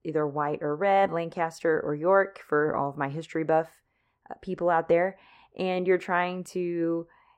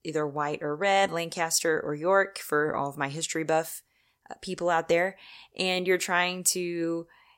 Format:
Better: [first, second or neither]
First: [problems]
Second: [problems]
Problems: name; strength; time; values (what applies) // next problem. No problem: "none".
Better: second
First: muffled; very; fading above 3 kHz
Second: none